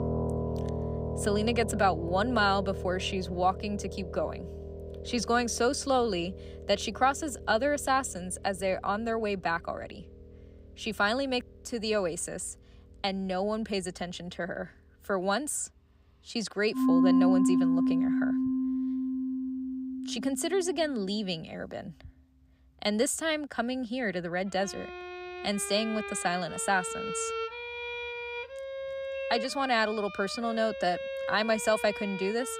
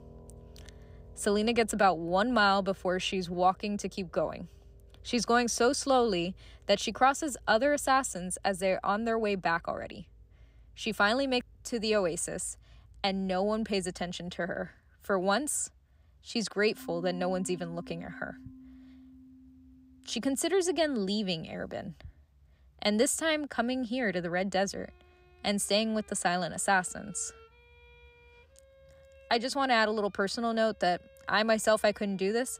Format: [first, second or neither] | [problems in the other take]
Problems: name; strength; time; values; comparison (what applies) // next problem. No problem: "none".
second | background music; loud; throughout; 2 dB below the speech; faint in the second